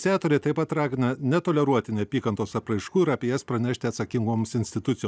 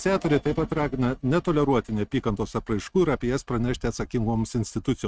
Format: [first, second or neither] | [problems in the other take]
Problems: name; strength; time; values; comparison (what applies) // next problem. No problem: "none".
first | noise reduction (neural mask model RNNoise)